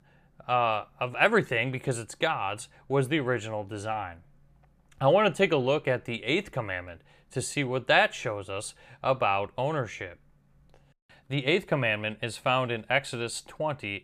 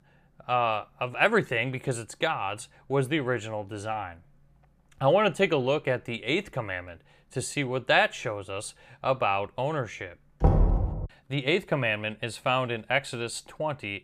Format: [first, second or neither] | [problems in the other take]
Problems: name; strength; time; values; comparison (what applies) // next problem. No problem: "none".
first | door banging; loud; at 10 s; peak 4 dB above the speech